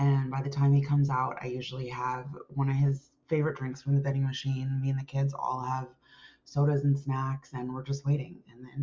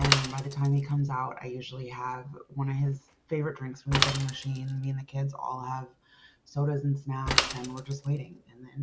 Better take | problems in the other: first | background sound (Mechanisms / Bicycle); 4 dB below the speech

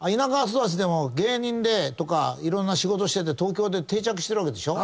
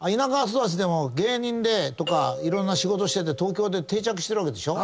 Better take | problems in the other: first | background sound (Doorbell); 11 dB below the speech

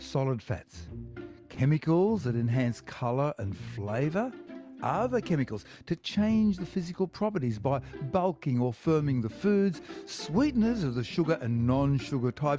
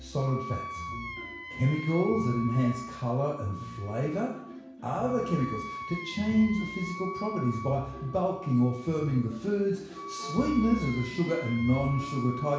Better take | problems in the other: first | background sound (Wind instrument, woodwind instrument); 12 dB below the speech // room echo; dies away in 0.7 s

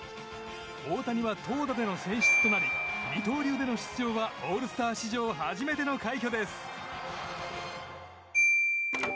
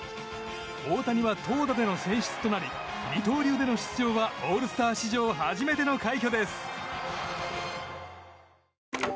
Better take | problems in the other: second | background sound (Marimba, xylophone); 1 dB below the speech

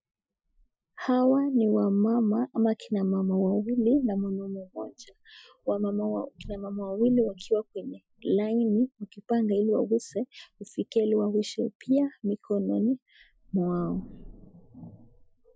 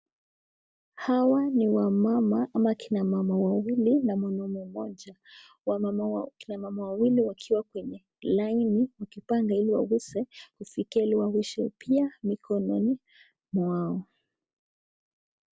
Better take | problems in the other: second | noise reduction (classical method Wiener filter)

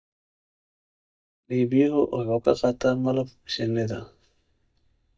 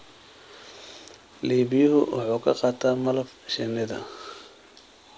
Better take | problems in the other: second | noise reduction (neural mask model DeepFilterNet 3)

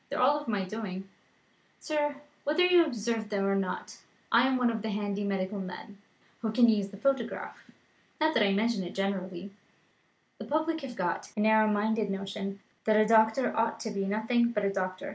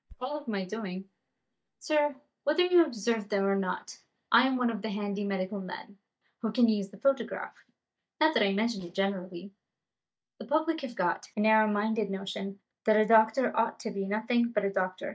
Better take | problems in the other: first | noise reduction (neural mask model DeepFilterNet 3)

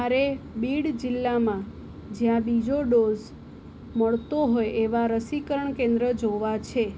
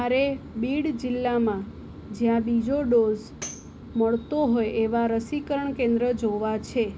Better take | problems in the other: first | background sound (Tambourine); 19 dB below the speech

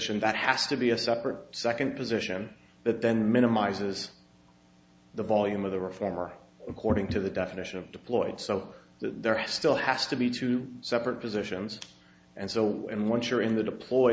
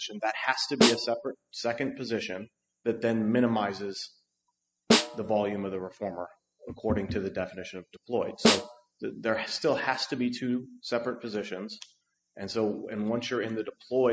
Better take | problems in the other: first | noise reduction (classical method spectral subtraction)

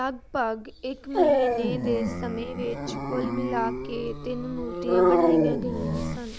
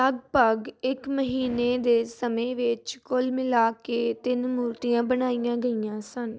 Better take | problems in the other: second | background sound (Dog); 5 dB above the speech

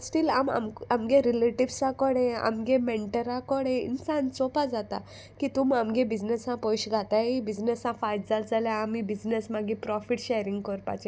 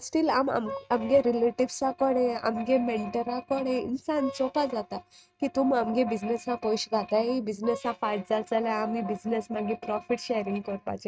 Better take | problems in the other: first | noise reduction (neural mask model RNNoise)

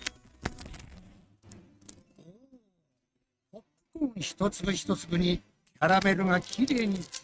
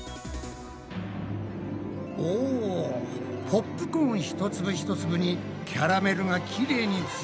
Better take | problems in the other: second | noise reduction (neural mask model RNNoise)

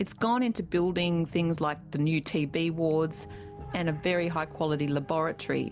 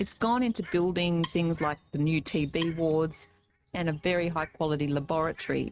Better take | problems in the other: first | noise reduction (neural mask model RNNoise)

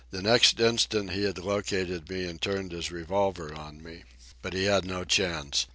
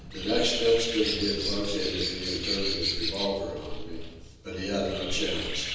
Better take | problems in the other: first | background sound (Bird); 3 dB below the speech // room echo; dies away in 1.1 s

